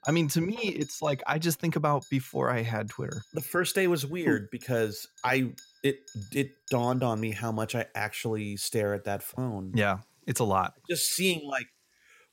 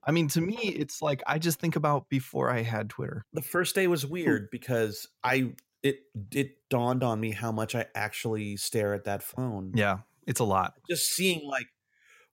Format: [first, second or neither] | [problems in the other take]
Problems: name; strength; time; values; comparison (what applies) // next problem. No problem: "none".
second | household noises; faint; throughout; 20 dB below the speech